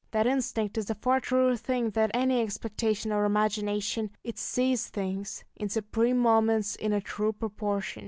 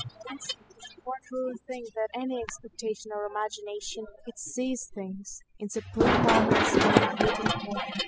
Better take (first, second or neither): first